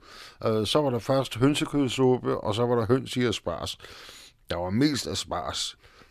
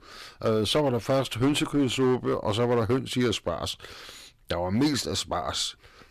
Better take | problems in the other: first | distortion; slight; 6% of the sound clipped

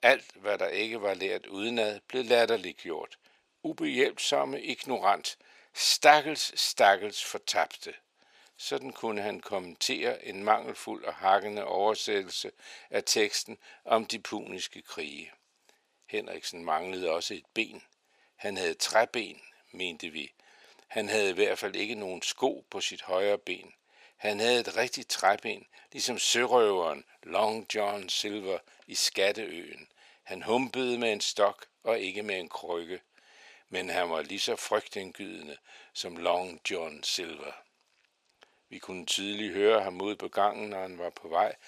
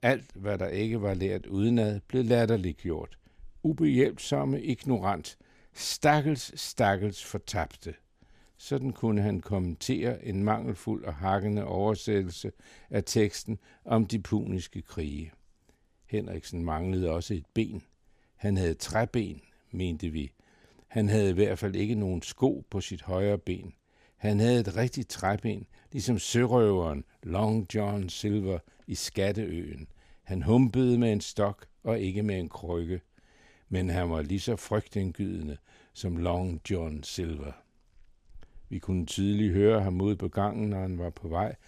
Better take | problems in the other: second | thin; very; fading below 650 Hz

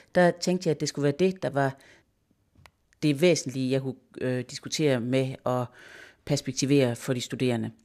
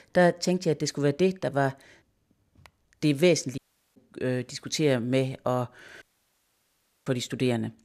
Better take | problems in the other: first | audio cutting out; at 3.5 s and at 6 s for 1 s

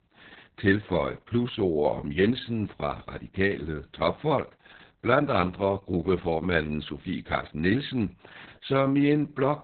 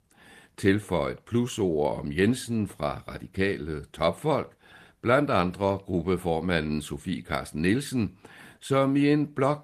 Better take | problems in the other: second | garbled, watery; badly; nothing above 4 kHz; slightly in the second

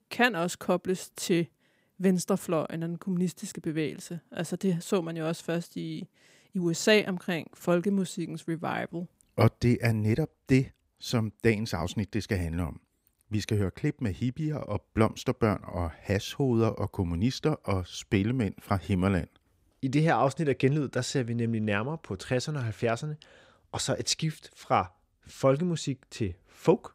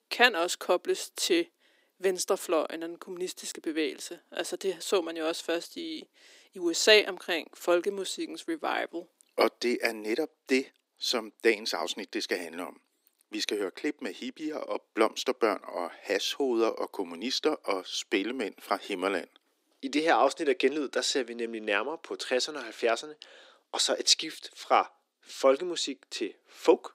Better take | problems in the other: first | thin; somewhat; fading below 300 Hz

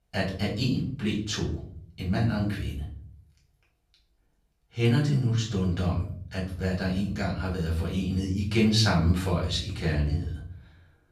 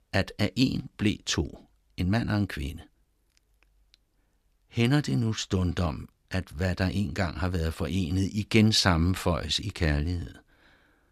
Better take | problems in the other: second | off-mic speech; far // room echo; slight; dies away in 0.5 s

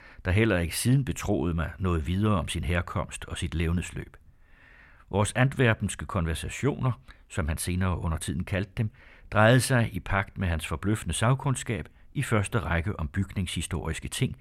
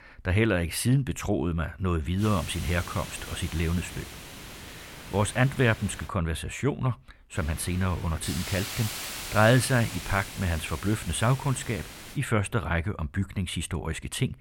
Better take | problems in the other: first | hiss; noticeable; from 2 to 6 s and from 7.5 to 12 s; 10 dB below the speech

